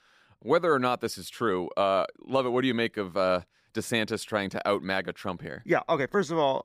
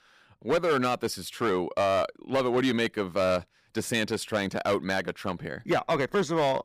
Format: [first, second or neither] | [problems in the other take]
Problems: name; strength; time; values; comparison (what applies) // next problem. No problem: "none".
first | distortion; slight; 8% of the sound clipped